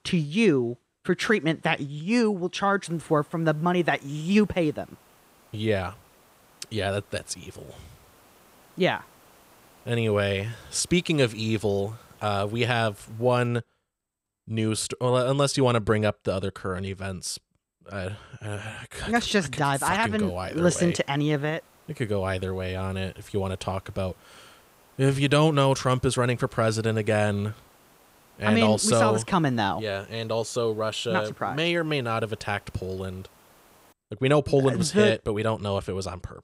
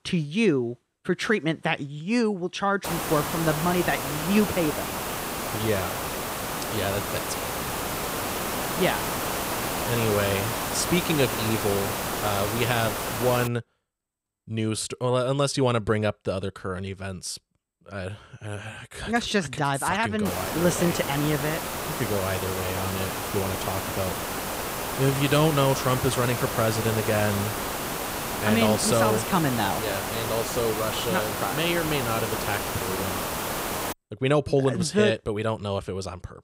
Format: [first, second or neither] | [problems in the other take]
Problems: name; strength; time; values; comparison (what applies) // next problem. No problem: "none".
first | hiss; loud; from 3 to 13 s and from 20 to 34 s; 3 dB below the speech; faint in the first